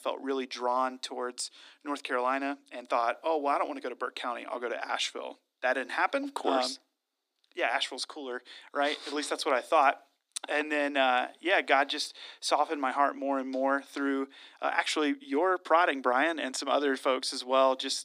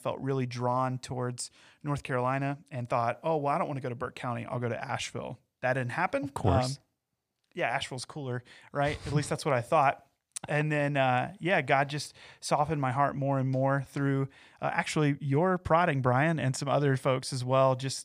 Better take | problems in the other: second | thin; very slightly; fading below 250 Hz

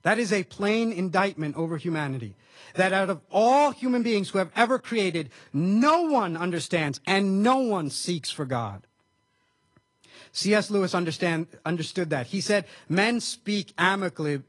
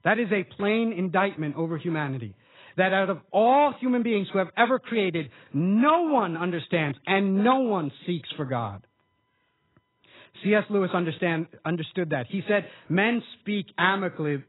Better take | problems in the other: first | garbled, watery; badly; nothing above 4 kHz; slightly in the first

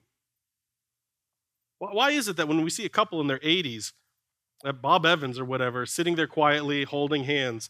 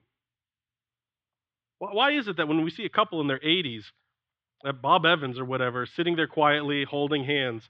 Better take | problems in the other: first | muffled; very slightly; fading above 3.5 kHz

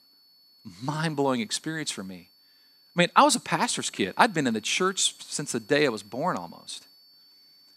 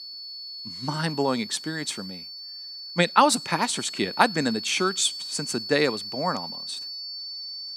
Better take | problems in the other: first | high-pitched whine; loud; throughout; 4.5 kHz, 9 dB below the speech; faint in the first

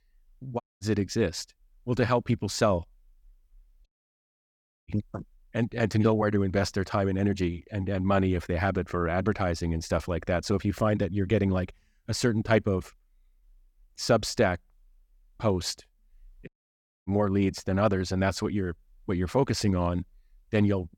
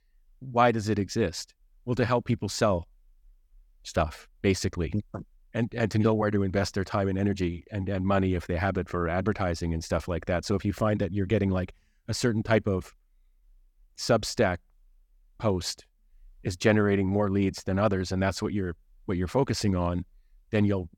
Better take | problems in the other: second | audio cutting out; at 0.5 s, at 4 s for 1 s and at 16 s for 0.5 s

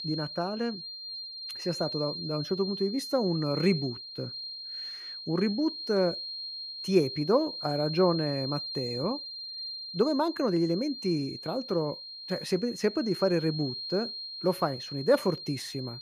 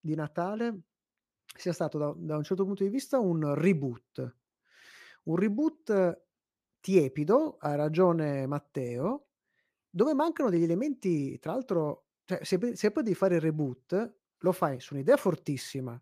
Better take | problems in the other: second | high-pitched whine; loud; throughout; 4 kHz, 7 dB below the speech

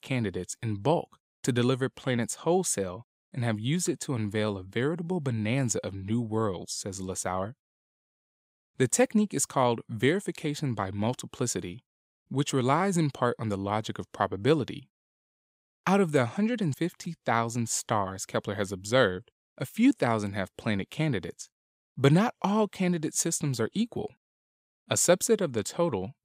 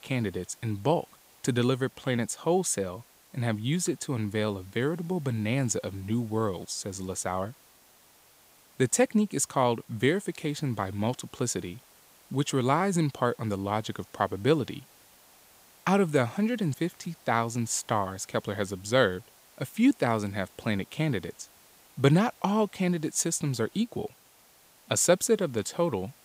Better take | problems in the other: first | hiss; faint; throughout; 25 dB below the speech

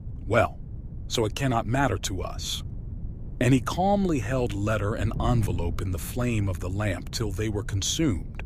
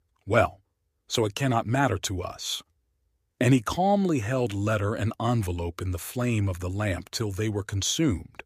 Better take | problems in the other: second | wind noise on the microphone; occasional gusts; 20 dB below the speech

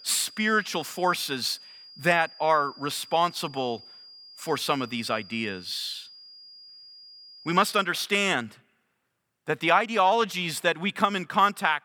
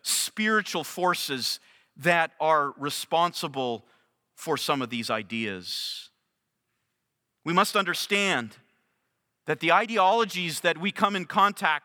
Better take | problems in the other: second | high-pitched whine; noticeable; until 8 s; 5 kHz, 20 dB below the speech

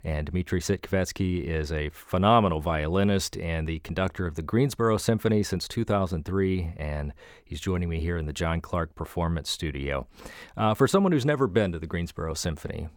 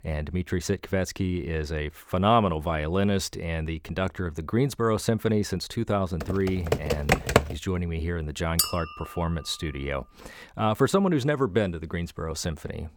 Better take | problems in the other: first | keyboard typing; loud; from 6 to 7.5 s; peak 5 dB above the speech // clattering dishes; loud; at 8.5 s; peak 2 dB above the speech

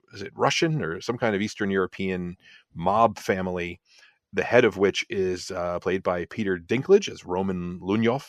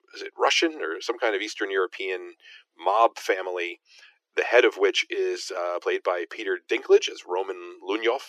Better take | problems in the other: first | thin; very; fading below 300 Hz

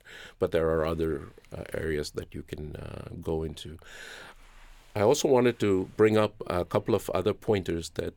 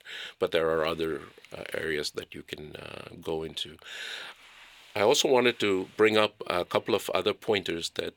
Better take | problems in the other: first | thin; very slightly; fading below 400 Hz

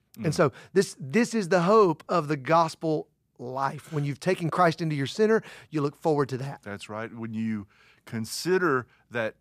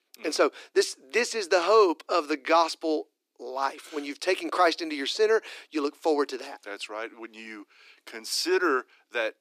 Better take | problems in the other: first | thin; somewhat; fading below 300 Hz

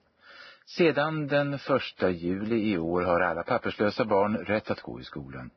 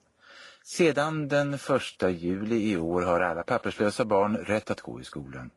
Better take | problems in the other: second | garbled, watery; badly; nothing above 5.5 kHz; slightly in the second

